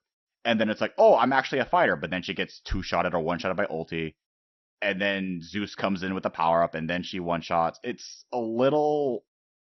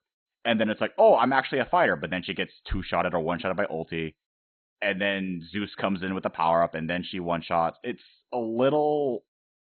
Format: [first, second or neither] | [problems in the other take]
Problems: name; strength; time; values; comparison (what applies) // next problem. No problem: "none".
first | garbled, watery; badly; nothing above 3.5 kHz; slightly in the first